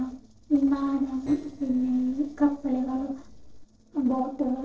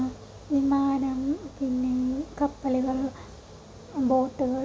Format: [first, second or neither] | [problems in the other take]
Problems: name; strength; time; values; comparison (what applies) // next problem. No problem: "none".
second | noise reduction (neural separator model SepFormer DNS4)